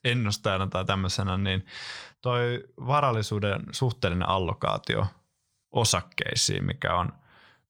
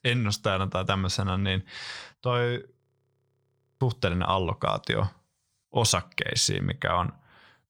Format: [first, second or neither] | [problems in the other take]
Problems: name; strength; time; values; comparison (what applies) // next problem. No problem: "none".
first | audio freezing; at 3 s for 1 s